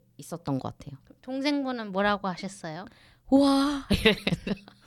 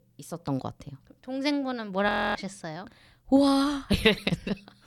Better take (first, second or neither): first